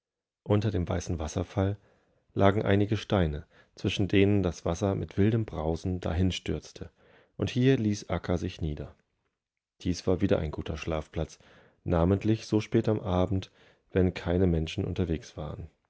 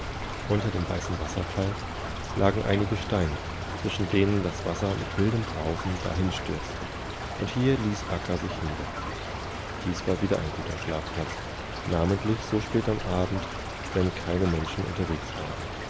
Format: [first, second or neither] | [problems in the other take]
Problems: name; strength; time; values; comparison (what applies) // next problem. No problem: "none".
first | background sound (Stream / Trickle, dribble); 5 dB below the speech